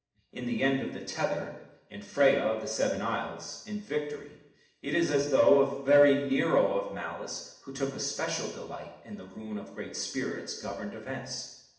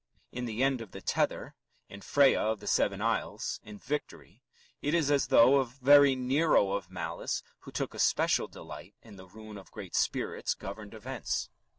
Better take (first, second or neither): second